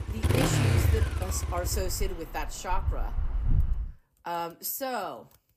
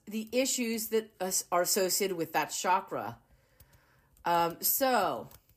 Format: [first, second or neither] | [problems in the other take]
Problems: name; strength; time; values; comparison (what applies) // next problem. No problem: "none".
second | traffic noise; very loud; until 3.5 s; 5 dB above the speech